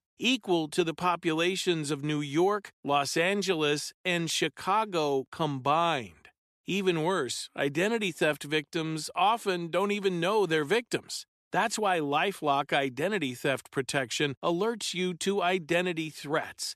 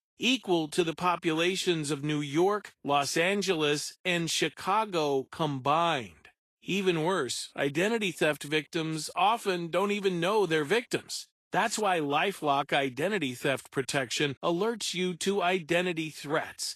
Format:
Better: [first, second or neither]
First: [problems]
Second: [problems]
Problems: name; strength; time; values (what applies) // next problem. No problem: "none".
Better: first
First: none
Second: garbled, watery; slightly; nothing above 13.5 kHz